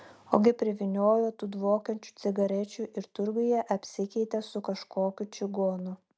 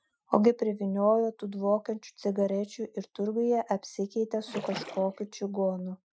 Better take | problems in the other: first | noise reduction (classical method Wiener filter)

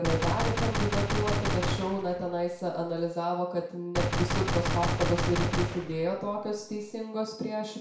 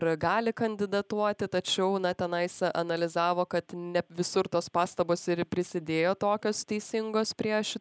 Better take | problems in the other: second | background sound (Gunshot, gunfire); 1 dB above the speech // room echo; dies away in 0.6 s

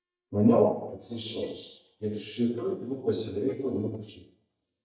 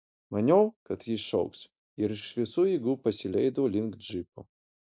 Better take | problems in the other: second | noise reduction (neural mask model DeepFilterNet 3)

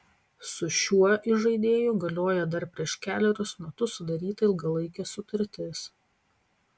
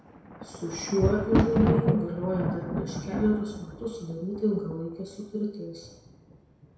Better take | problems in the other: first | background sound (Thunder); 1 dB below the speech // room echo; dies away in 0.7 s

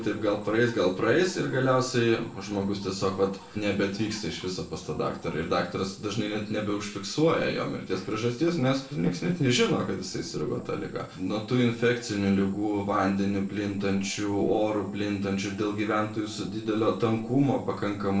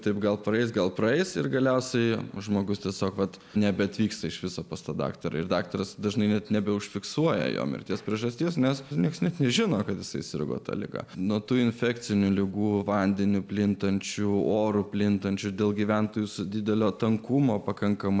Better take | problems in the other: second | noise reduction (neural separator model SepFormer DNS4)

